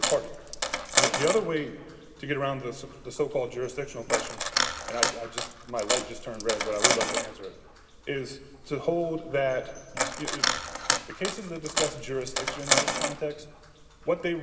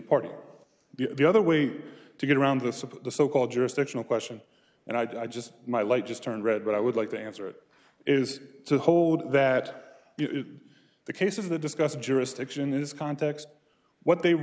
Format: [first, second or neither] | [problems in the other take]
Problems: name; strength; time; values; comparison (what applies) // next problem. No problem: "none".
second | background sound (Coin (dropping)); 1 dB above the speech // room echo; dies away in 1.7 s